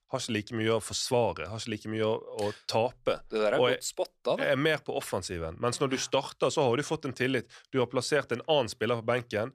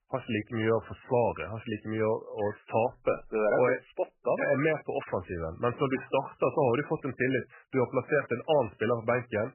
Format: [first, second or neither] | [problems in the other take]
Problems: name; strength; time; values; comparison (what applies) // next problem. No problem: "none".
first | garbled, watery; badly; nothing above 3 kHz